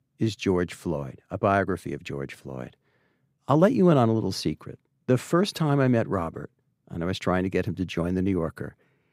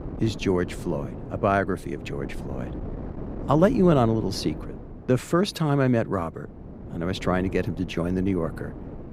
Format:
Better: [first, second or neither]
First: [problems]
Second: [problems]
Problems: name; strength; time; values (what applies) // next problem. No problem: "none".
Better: first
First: none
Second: wind noise on the microphone; occasional gusts; 15 dB below the speech